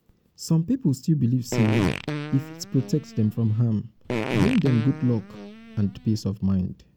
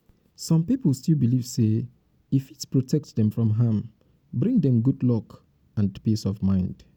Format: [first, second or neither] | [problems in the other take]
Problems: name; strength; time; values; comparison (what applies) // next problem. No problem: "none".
second | background sound (Fart); 6 dB below the speech